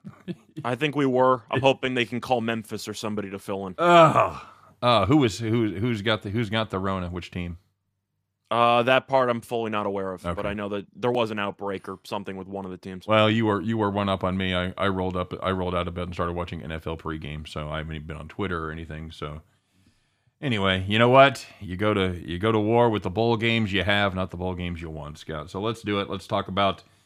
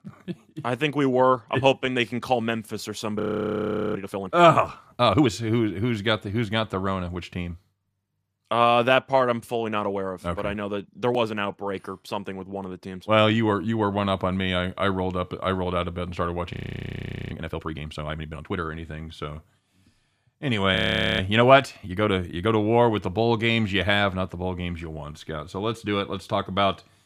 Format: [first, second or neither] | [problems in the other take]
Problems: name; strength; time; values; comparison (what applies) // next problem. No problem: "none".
first | audio freezing; at 3 s for 1 s, at 17 s for 1 s and at 21 s